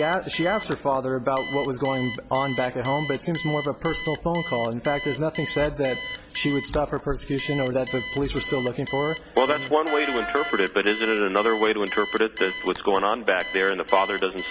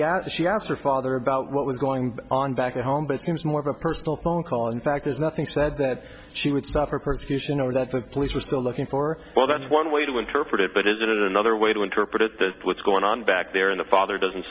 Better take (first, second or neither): second